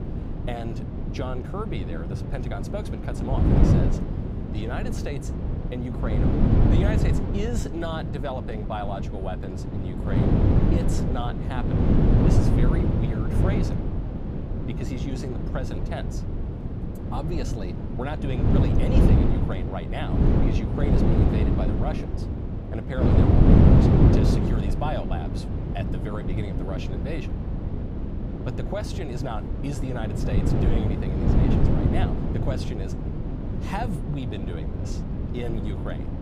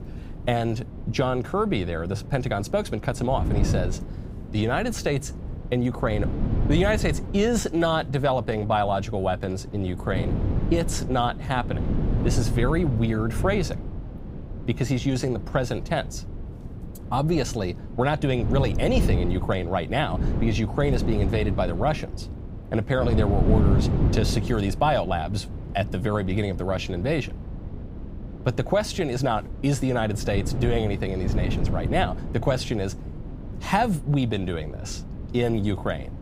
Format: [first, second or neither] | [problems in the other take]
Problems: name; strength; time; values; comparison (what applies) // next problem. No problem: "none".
second | wind noise on the microphone; heavy; 3 dB above the speech; occasional gusts in the second